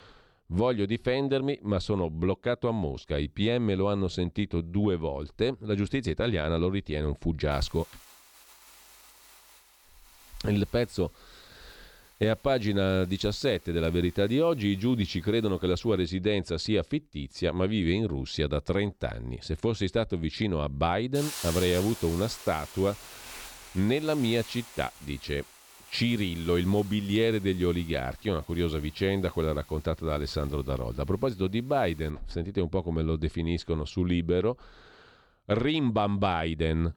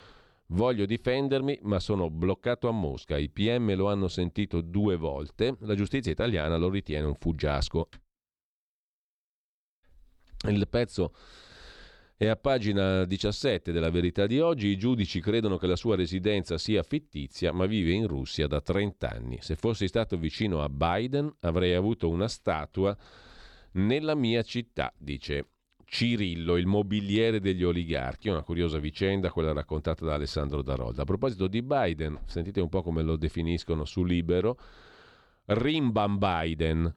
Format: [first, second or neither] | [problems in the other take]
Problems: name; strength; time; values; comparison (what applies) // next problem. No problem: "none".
second | hiss; noticeable; from 7.5 to 16 s and from 19 to 32 s; 15 dB below the speech